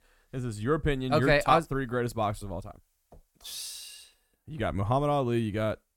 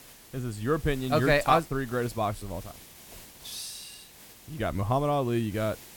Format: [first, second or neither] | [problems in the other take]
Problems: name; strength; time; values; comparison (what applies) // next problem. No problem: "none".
first | hiss; noticeable; throughout; 20 dB below the speech